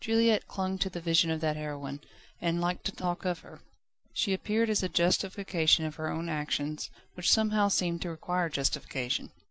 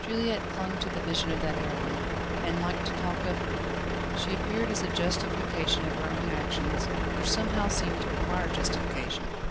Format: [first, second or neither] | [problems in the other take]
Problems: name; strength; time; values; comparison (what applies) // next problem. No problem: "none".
first | background sound (Truck); 4 dB above the speech